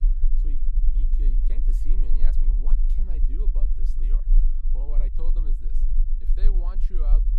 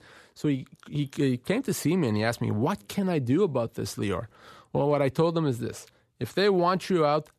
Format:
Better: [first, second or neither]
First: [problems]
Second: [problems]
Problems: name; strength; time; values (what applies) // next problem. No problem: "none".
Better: second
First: low rumble; loud; throughout; 3 dB below the speech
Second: none